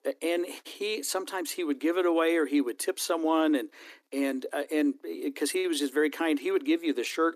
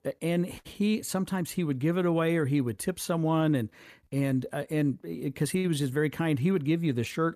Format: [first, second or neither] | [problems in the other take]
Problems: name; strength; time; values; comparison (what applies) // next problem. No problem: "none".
second | thin; very slightly; fading below 300 Hz